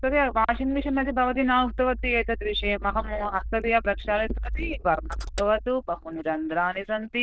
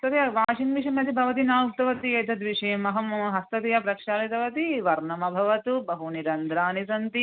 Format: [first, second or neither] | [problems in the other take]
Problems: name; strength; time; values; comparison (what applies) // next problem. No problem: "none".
second | noise reduction (neural diffusion model UNIVERSE++)